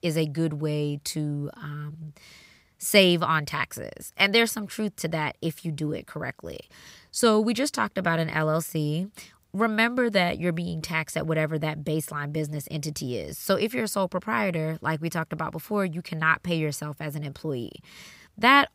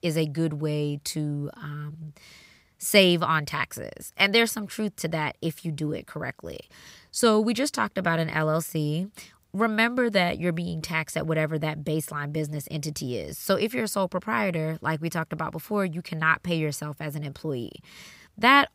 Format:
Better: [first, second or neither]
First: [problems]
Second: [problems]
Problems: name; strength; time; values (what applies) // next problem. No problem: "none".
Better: neither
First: none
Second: none